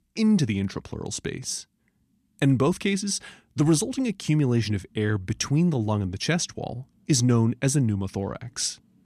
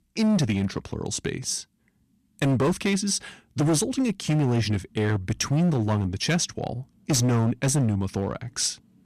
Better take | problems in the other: first | distortion; slight; 11% of the sound clipped

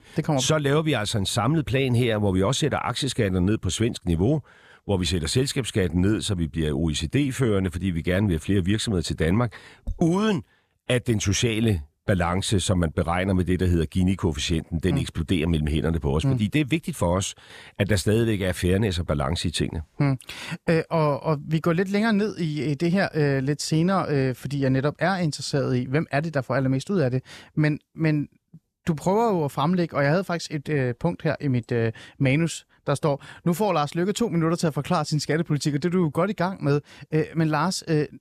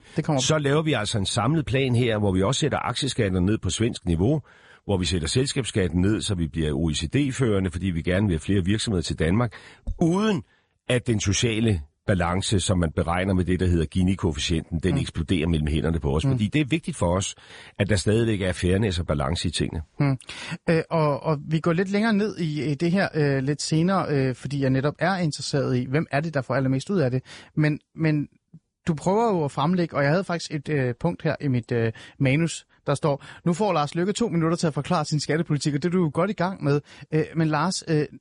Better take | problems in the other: first | garbled, watery; slightly; nothing above 10.5 kHz

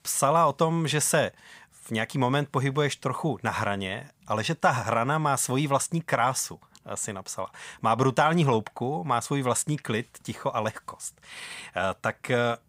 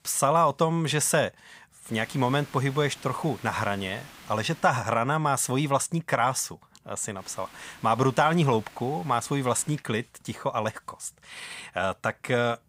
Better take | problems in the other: first | hiss; faint; from 2 to 4.5 s and from 7 to 10 s; 20 dB below the speech

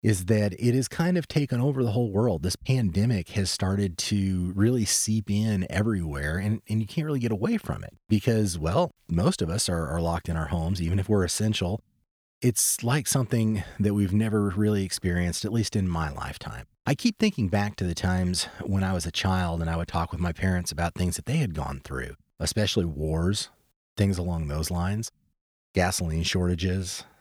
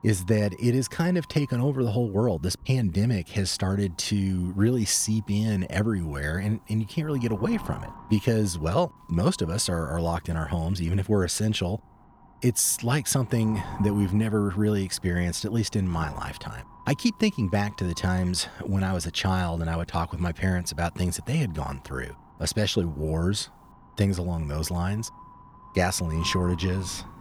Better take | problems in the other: first | wind noise on the microphone; occasional gusts; 15 dB below the speech

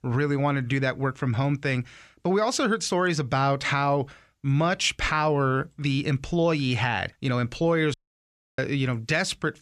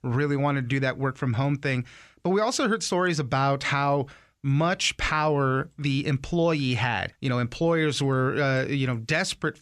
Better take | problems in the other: second | audio cutting out; at 8 s for 0.5 s

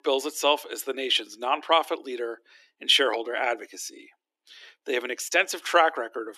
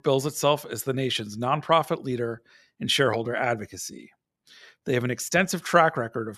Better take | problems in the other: second | thin; somewhat; fading below 300 Hz

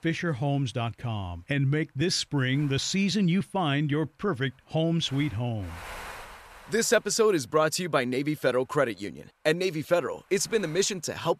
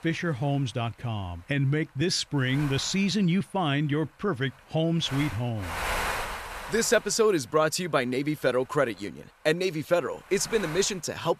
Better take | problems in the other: first | wind noise on the microphone; heavy; 6 dB below the speech; occasional gusts in the first

